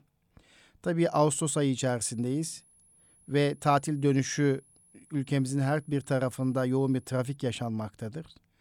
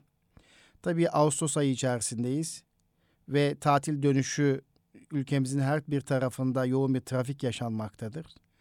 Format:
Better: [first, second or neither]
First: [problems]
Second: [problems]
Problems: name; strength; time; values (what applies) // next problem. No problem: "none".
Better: second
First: high-pitched whine; faint; from 2 to 7.5 s; 10.5 kHz, 30 dB below the speech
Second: none